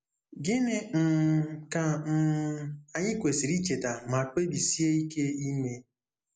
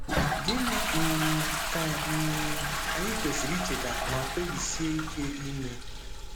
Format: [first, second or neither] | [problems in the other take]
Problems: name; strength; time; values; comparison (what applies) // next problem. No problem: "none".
first | background sound (Toilet flush); 2 dB above the speech